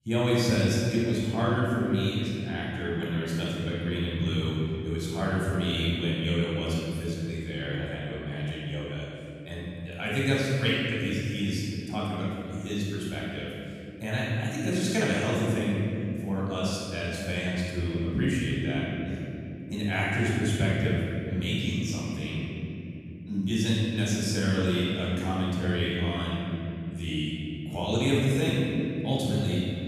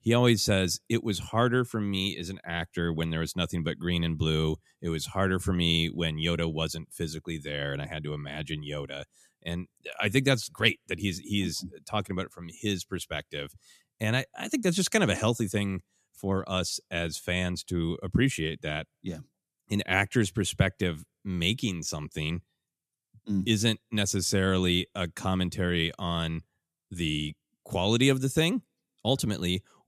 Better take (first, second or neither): second